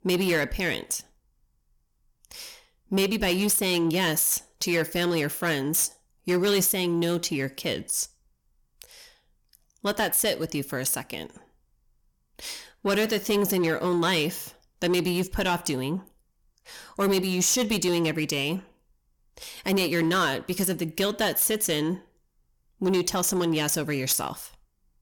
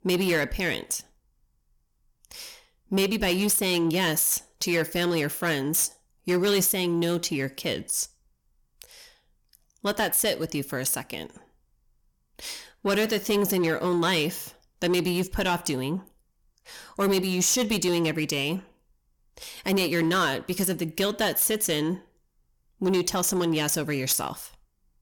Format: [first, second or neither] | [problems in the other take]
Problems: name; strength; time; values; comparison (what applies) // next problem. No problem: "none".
neither | distortion; slight; 10 dB below the speech; the same in both